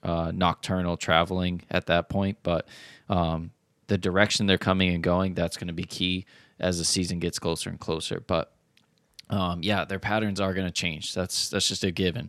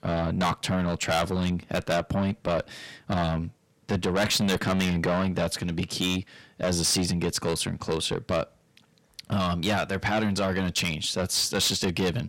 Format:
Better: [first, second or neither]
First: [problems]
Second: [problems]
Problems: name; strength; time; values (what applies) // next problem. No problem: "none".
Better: first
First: none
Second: distortion; heavy; 6 dB below the speech